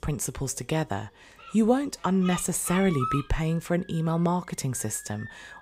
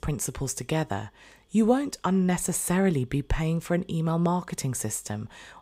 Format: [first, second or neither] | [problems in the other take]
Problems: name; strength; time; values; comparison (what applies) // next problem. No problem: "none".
second | animal sounds; loud; throughout; 10 dB below the speech